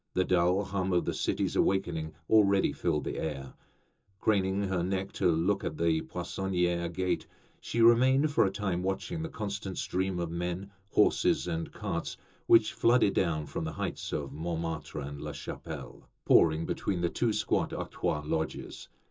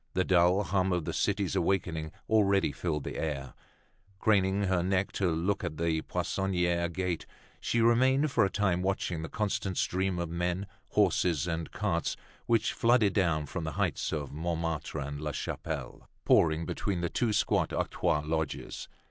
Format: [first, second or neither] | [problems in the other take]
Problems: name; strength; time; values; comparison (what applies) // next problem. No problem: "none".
second | room echo; dies away in 0.2 s